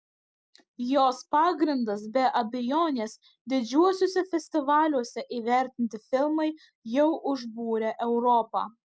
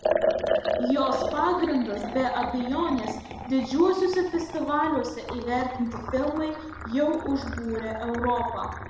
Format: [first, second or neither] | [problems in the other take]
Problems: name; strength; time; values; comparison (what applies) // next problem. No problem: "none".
first | background sound (Liquid); 5 dB below the speech // room echo; dies away in 1 s